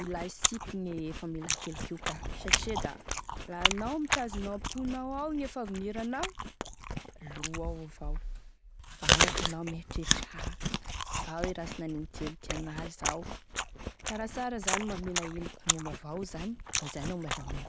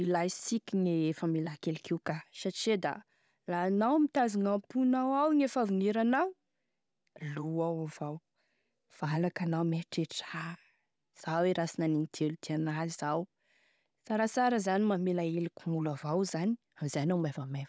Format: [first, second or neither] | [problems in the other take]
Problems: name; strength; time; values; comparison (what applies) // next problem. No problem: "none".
second | background sound (Chewing, mastication); 4 dB above the speech